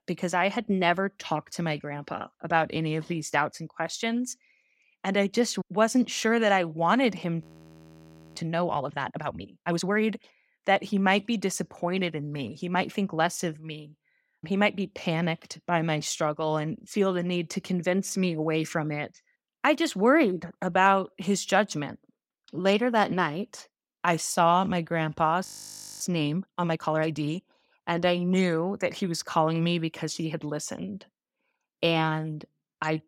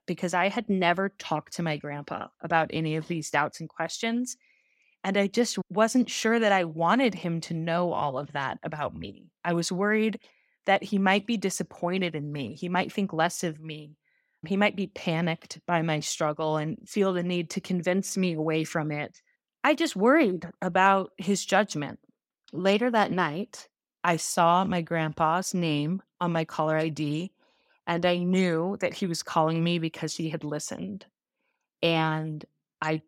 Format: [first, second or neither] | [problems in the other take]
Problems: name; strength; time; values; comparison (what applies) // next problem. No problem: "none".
second | audio freezing; at 7.5 s for 1 s and at 25 s for 0.5 s